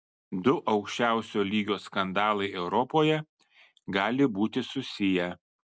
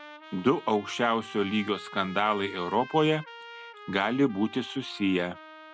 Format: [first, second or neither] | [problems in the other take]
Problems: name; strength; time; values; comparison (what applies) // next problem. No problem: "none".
first | background sound (Trumpet); 17 dB below the speech